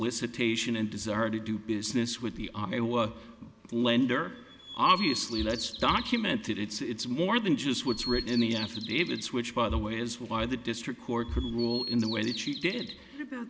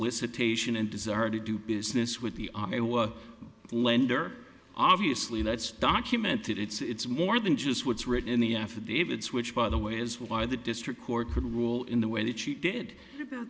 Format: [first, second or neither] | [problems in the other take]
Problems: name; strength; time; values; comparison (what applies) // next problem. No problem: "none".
second | background sound (Bird vocalization, bird call, bird song); 12 dB below the speech